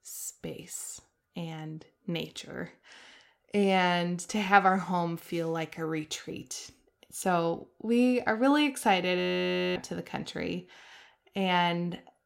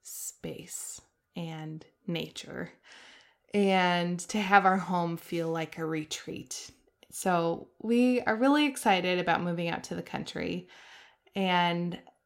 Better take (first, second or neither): second